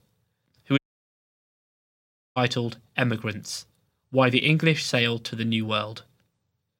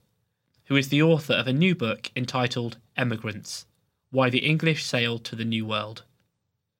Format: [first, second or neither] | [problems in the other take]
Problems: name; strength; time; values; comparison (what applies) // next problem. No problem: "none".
second | audio cutting out; at 1 s for 1.5 s